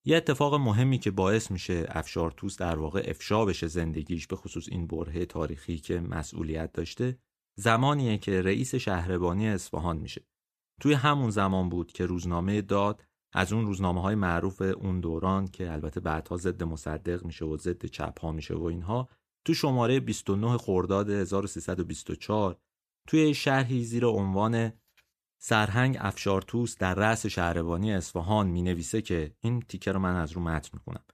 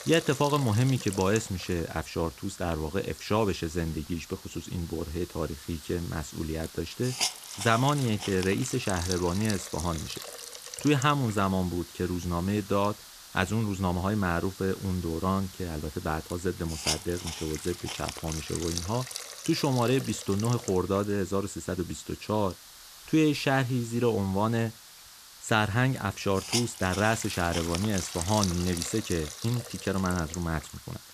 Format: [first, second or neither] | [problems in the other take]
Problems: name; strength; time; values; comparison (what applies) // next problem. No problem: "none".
first | hiss; loud; throughout; 9 dB below the speech